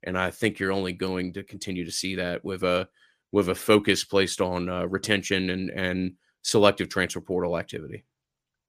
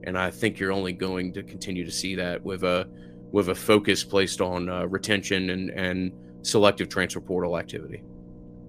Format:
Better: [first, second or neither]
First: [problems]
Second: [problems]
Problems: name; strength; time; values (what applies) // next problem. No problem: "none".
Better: first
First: none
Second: low rumble; faint; throughout; 25 dB below the speech